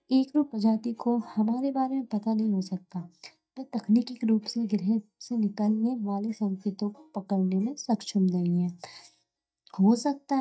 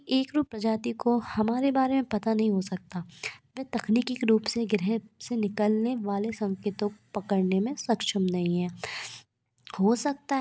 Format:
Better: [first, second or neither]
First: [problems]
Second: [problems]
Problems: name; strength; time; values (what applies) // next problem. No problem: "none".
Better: second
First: noise reduction (neural mask model DeepFilterNet 3)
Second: none